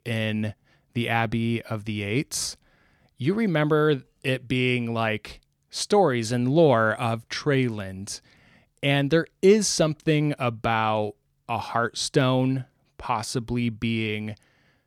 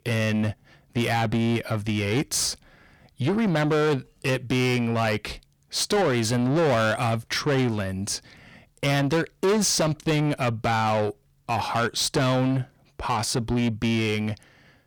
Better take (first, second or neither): first